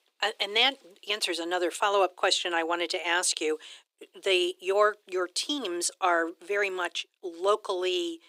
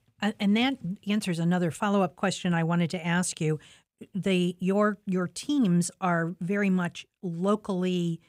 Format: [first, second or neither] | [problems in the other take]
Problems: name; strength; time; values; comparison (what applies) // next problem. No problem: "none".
second | thin; very; fading below 350 Hz